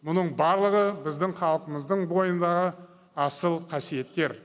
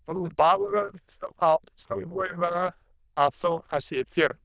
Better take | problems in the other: first | noise reduction (neural diffusion model UNIVERSE++)

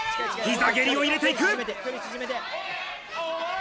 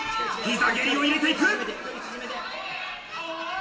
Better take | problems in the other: first | room echo; dies away in 1.9 s

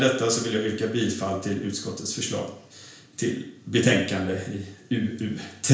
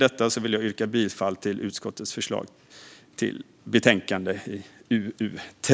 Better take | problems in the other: second | room echo; dies away in 0.5 s

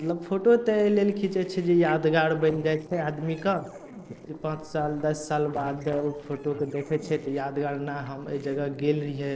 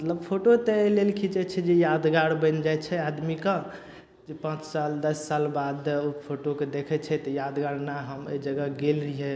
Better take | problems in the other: second | noise reduction (neural separator model SepFormer DNS4)

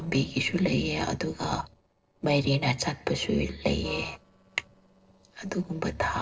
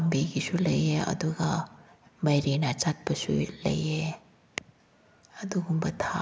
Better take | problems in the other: second | noise reduction (neural separator model SepFormer DNS4)

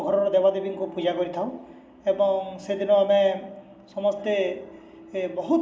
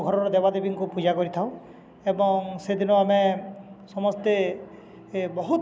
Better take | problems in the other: second | room echo; dies away in 1.1 s

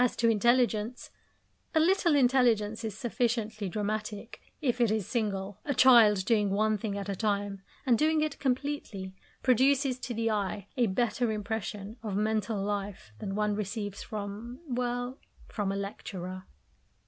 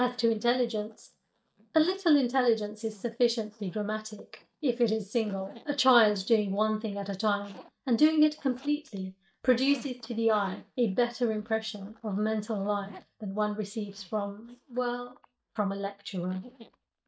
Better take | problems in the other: first | noise reduction (neural mask model DeepFilterNet 3)

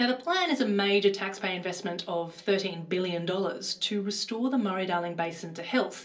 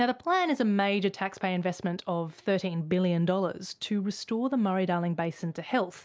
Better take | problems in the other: second | room echo; dies away in 0.3 s

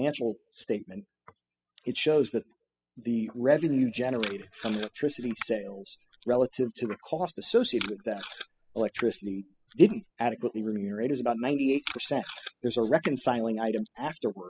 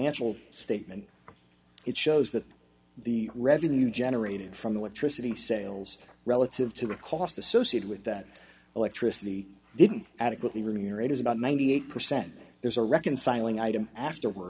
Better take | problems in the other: second | noise reduction (classical method spectral subtraction)

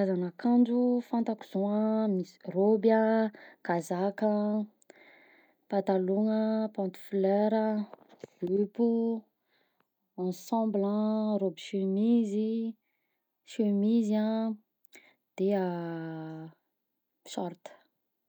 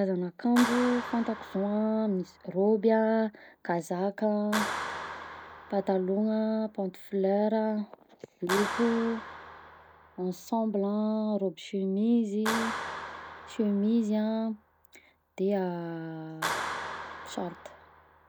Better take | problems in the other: first | background sound (Clapping); 10 dB below the speech

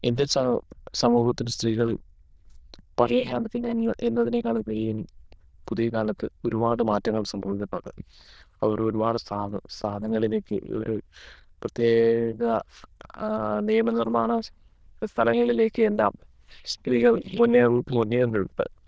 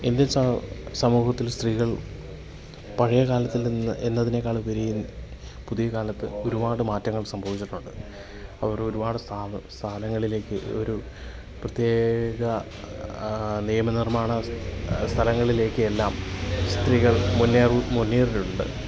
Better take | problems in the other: second | noise reduction (neural diffusion model UNIVERSE++)

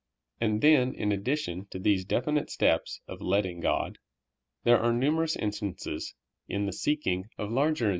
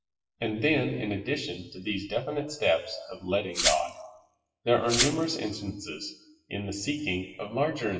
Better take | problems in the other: first | noise reduction (classical method WPE with log-MMSE)

